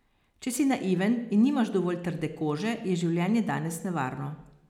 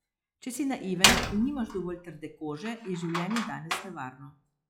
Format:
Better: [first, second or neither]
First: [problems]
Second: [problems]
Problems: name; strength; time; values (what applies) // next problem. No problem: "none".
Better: first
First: none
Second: noise reduction (classical method log-MMSE)